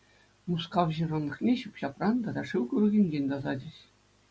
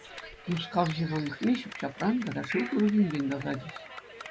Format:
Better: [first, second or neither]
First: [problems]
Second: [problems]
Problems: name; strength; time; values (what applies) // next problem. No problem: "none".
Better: first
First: none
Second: background sound (Bird + Clapping); 13 dB below the speech